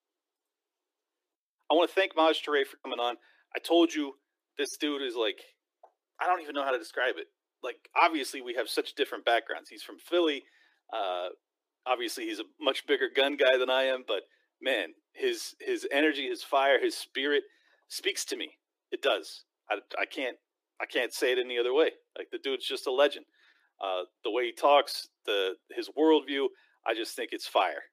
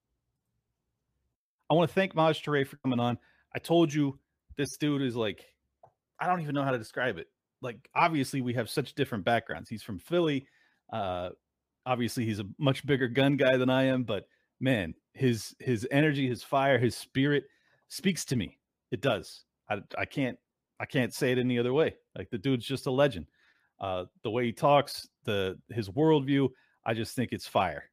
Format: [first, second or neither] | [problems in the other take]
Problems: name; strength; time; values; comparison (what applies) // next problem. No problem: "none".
second | thin; very; fading below 300 Hz